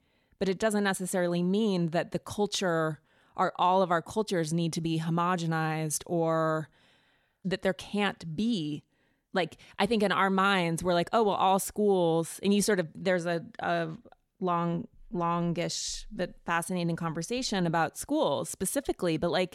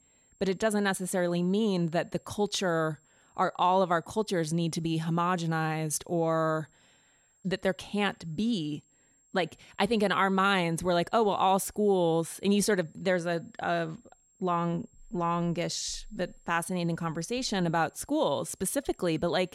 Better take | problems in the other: first | high-pitched whine; faint; throughout; 7.5 kHz, 35 dB below the speech

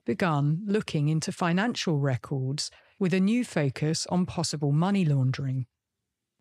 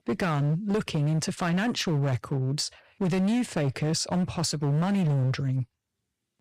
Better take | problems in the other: first | distortion; slight; 18% of the sound clipped

